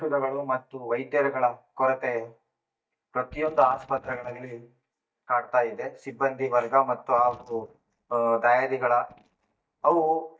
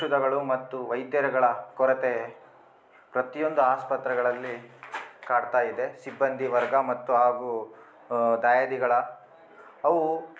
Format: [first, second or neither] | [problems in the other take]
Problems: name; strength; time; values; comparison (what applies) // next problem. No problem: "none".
second | noise reduction (neural mask model DeepFilterNet 3)